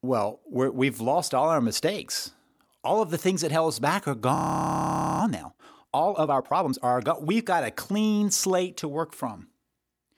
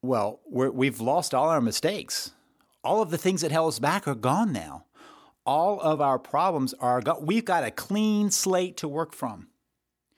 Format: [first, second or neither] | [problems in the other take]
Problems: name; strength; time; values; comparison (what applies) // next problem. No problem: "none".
second | audio freezing; at 4.5 s for 1 s